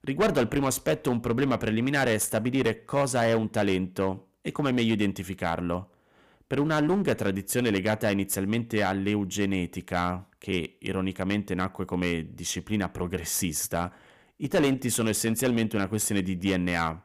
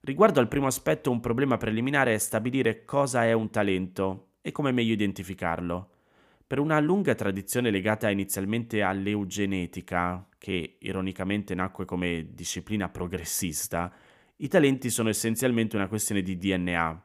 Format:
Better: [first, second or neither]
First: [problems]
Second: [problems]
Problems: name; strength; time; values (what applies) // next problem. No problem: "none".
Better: second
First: distortion; slight; 7% of the sound clipped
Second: none